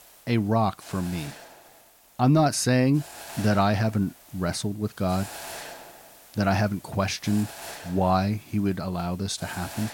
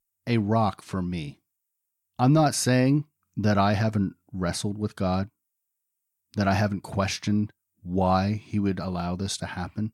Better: second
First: hiss; noticeable; throughout; 15 dB below the speech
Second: none

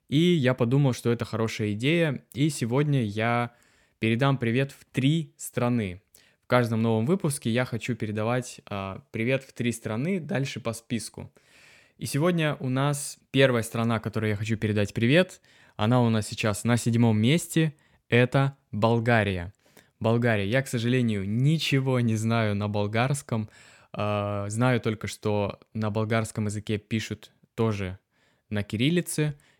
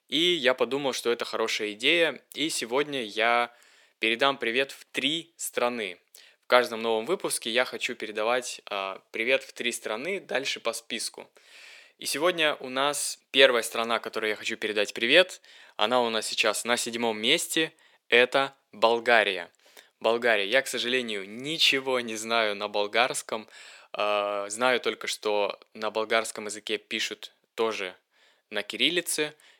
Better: first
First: none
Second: thin; very; fading below 400 Hz

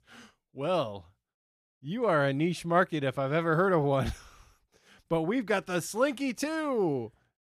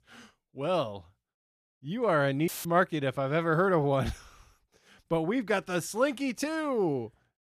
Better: first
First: none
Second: audio cutting out; filled with static; at 2.5 s

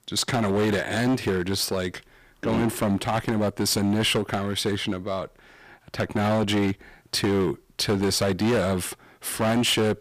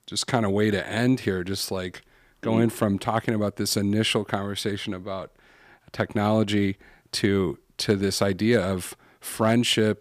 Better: second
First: distortion; heavy; 15% of the sound clipped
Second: none

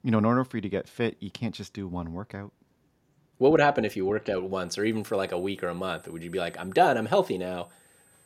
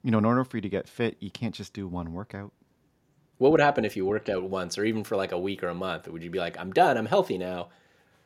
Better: second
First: high-pitched whine; faint; from 4.5 s on; 8 kHz, 30 dB below the speech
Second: none

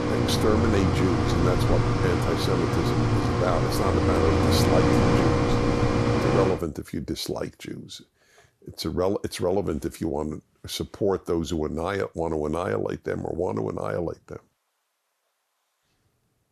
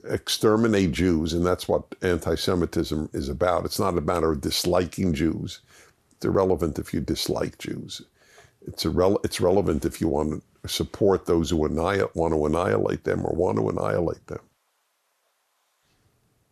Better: second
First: machinery noise; very loud; until 6.5 s; 5 dB above the speech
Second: none

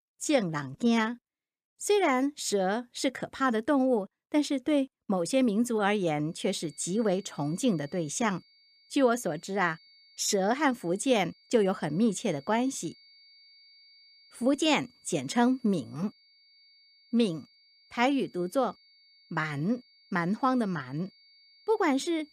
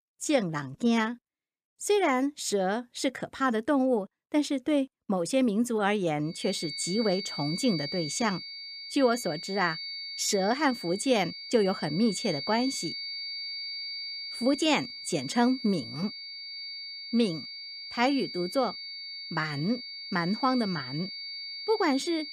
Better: first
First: high-pitched whine; faint; from 6.5 s on; 4.5 kHz, 30 dB below the speech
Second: high-pitched whine; loud; from 6.5 s on; 4.5 kHz, 8 dB below the speech

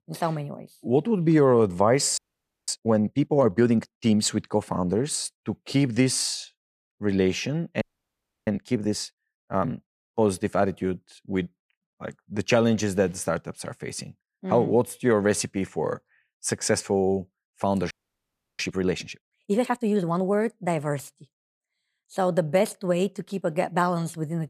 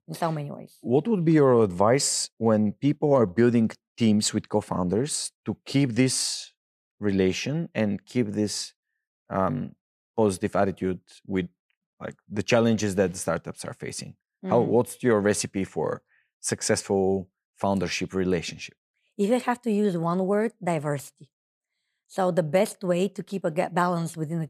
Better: second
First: audio freezing; at 2 s for 0.5 s, at 8 s for 0.5 s and at 18 s for 0.5 s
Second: none

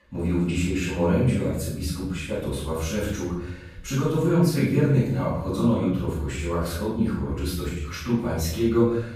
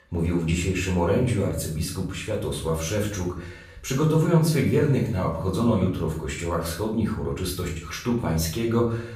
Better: second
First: room echo; strong; dies away in 0.8 s // off-mic speech; far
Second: room echo; slight; dies away in 0.5 s // off-mic speech; far

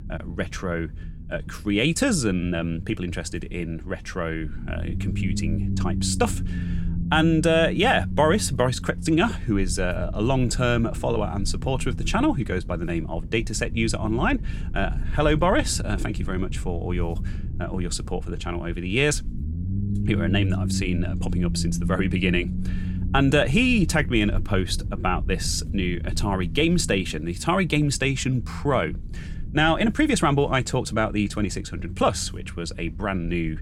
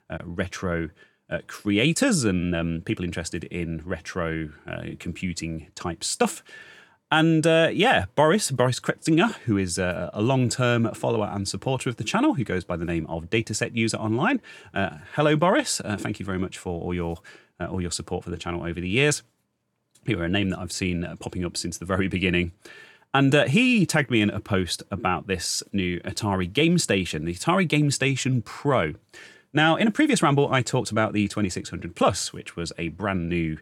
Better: second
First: low rumble; noticeable; throughout; 15 dB below the speech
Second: none

